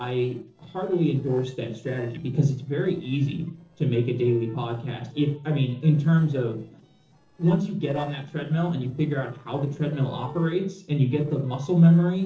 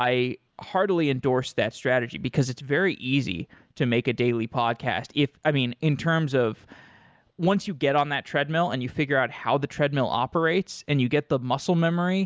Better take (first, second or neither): second